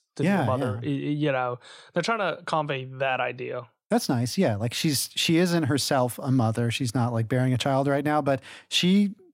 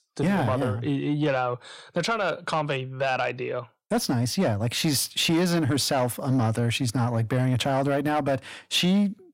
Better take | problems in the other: first | distortion; slight; 10 dB below the speech

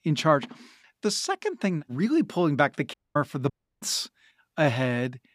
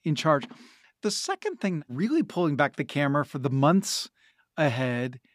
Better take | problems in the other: second | audio cutting out; at 3 s and at 3.5 s

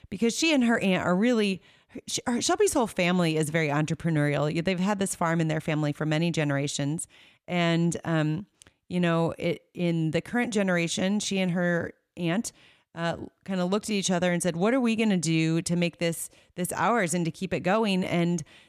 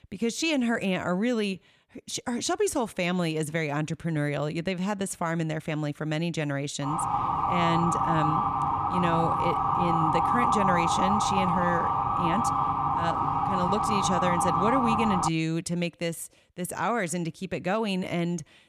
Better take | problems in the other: first | siren; loud; from 7 to 15 s; peak 5 dB above the speech

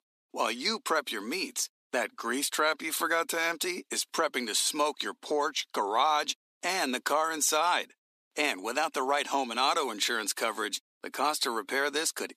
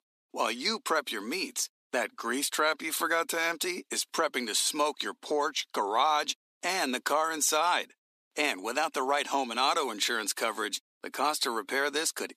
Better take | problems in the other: neither | thin; somewhat; fading below 250 Hz; the same in both

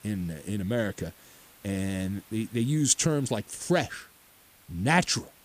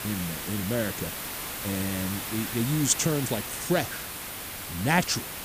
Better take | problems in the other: first | hiss; loud; throughout; 5 dB below the speech; faint in the first

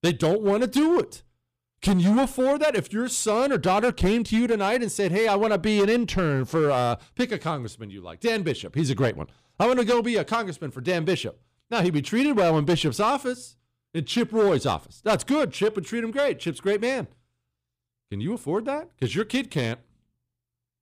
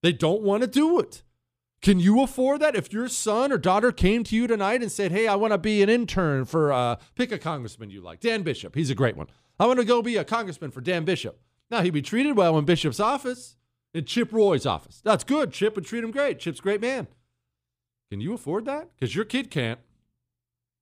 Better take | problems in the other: second | distortion; slight; 6% of the sound clipped

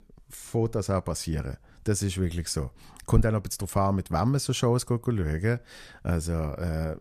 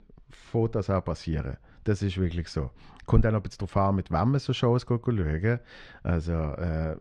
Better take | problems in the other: first | muffled; slightly; fading above 4 kHz

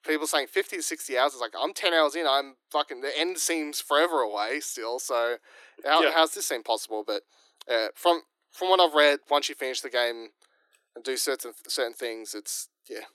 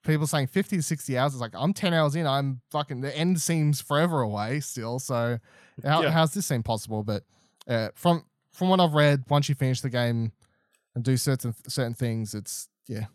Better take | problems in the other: second | thin; very; fading below 300 Hz

